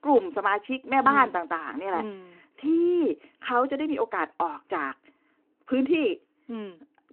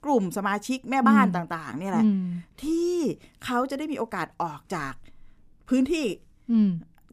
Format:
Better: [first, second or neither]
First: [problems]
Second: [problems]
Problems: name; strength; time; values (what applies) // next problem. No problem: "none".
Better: second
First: phone-call audio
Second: none